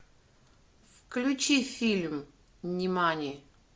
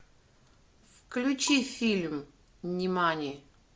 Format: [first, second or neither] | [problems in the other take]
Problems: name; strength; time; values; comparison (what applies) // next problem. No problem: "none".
first | background sound (Bowed string instrument); 20 dB below the speech